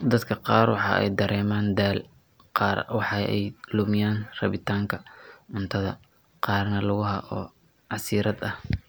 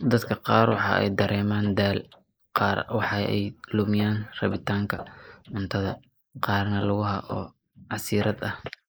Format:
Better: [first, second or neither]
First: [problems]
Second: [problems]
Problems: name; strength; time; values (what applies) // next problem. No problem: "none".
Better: first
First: none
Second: noise reduction (neural mask model Resemble Enhance denoiser)